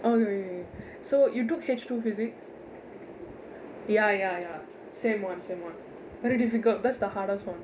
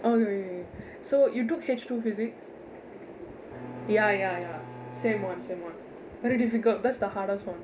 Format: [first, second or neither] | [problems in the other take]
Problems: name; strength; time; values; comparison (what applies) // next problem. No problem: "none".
first | background sound (Bowed string instrument); 14 dB below the speech